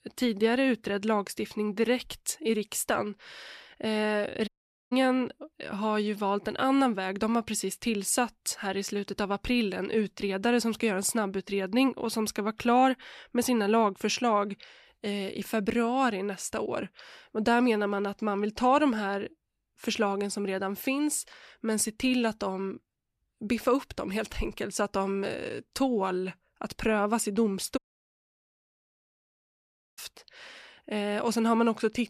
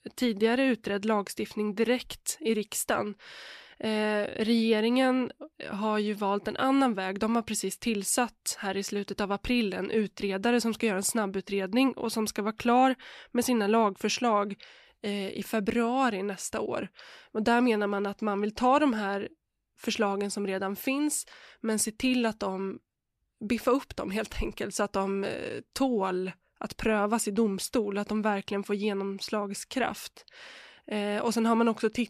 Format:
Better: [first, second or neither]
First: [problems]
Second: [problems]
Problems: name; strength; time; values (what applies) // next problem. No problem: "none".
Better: second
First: audio cutting out; at 4.5 s and at 28 s for 2 s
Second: none